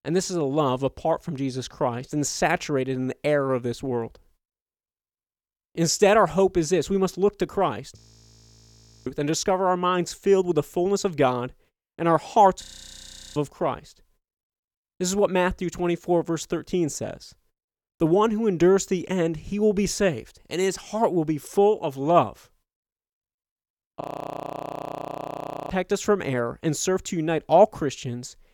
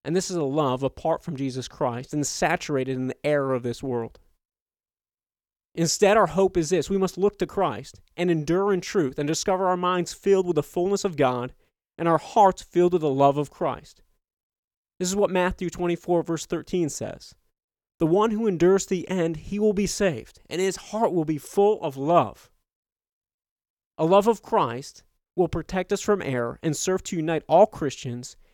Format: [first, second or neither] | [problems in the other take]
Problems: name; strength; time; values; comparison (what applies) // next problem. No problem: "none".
second | audio freezing; at 8 s for 1 s, at 13 s for 0.5 s and at 24 s for 1.5 s